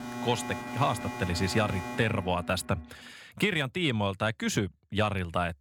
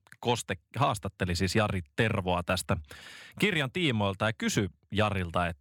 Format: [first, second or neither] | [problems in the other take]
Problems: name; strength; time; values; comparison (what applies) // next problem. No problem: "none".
second | alarm; noticeable; until 3 s; peak 7 dB below the speech